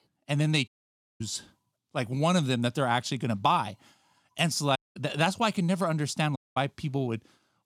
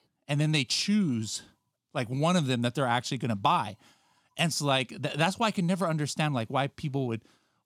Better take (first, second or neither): second